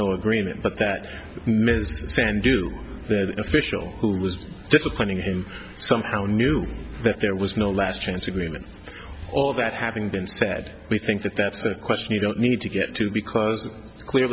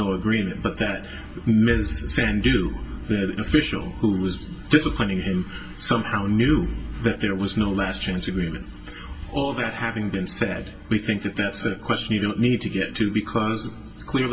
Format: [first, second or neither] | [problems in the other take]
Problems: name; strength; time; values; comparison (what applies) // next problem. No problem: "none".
first | room echo; dies away in 0.2 s